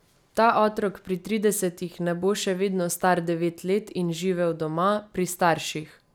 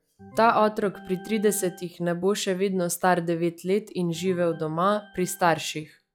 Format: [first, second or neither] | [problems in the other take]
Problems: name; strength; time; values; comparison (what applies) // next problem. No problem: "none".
first | noise reduction (classical method log-MMSE)